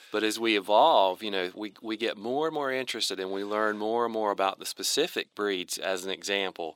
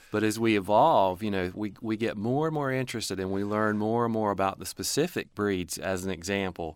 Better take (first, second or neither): second